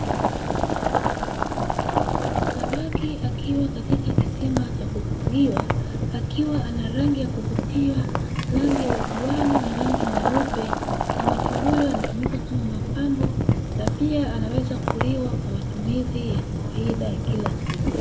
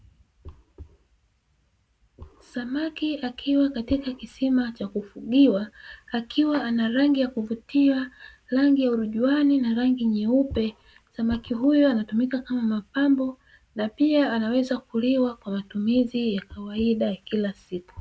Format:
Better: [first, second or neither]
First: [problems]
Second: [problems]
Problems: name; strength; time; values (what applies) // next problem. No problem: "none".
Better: second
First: background sound (Boiling); 3 dB above the speech // room echo; dies away in 1.2 s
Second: none